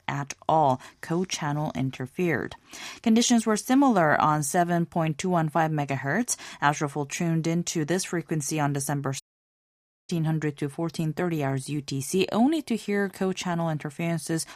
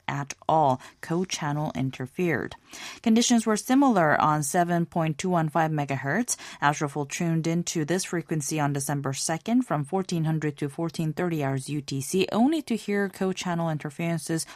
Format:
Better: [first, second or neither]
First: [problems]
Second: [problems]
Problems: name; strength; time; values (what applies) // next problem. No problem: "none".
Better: second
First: audio cutting out; at 9 s for 1 s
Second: none